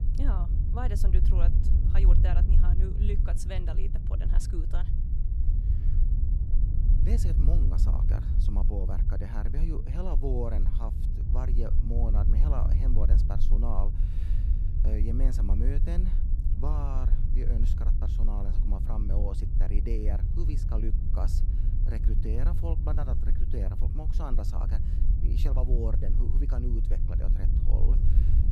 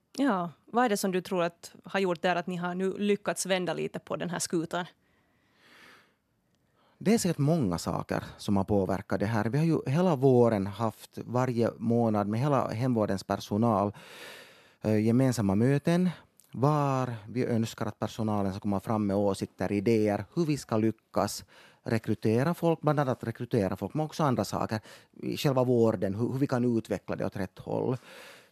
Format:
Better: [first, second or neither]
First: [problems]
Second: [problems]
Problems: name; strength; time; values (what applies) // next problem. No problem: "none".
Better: second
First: low rumble; loud; throughout; 4 dB below the speech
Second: none